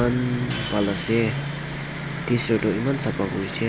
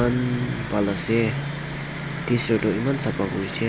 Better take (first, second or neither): second